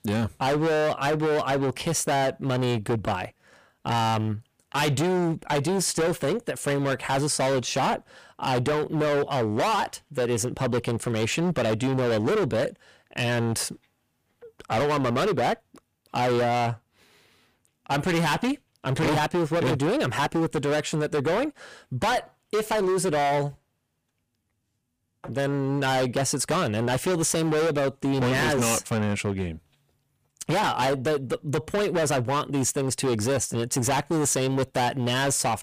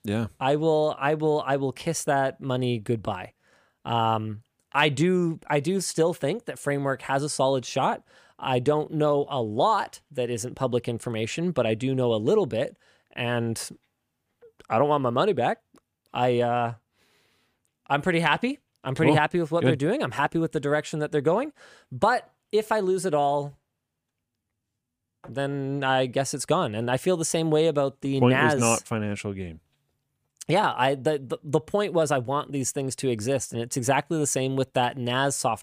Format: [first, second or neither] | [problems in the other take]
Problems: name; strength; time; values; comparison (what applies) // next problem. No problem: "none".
second | distortion; heavy; 24% of the sound clipped